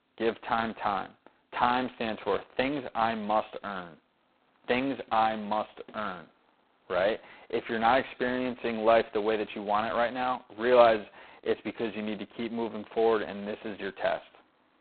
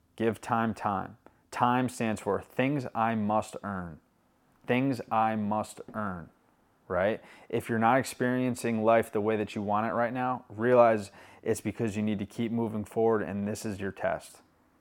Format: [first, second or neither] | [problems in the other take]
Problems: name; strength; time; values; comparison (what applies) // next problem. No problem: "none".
second | phone-call audio; poor line; nothing above 4 kHz